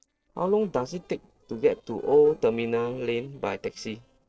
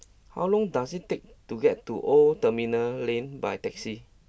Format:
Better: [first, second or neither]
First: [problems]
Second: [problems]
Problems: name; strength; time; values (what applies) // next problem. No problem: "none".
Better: second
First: noise reduction (neural separator model SepFormer DNS4)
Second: none